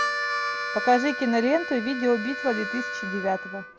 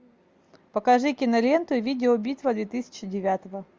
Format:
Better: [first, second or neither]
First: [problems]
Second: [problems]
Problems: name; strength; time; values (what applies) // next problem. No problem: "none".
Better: second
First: background sound (Harmonica); 4 dB below the speech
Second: none